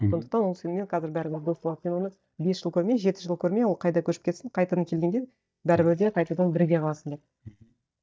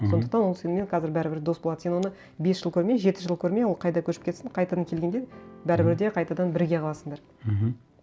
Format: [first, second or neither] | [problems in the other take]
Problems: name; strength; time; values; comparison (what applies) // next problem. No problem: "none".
second | noise reduction (neural mask model DeepFilterNet 3)